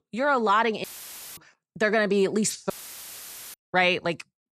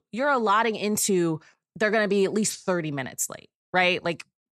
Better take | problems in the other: second | audio cutting out; filled with static; at 1 s for 0.5 s and at 2.5 s for 1 s

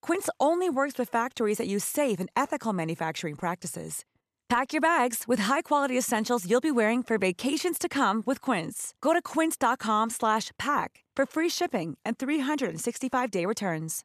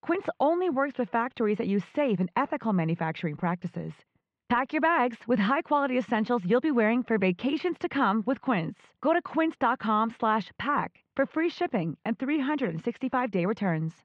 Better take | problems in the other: first | muffled; very; fading above 3 kHz

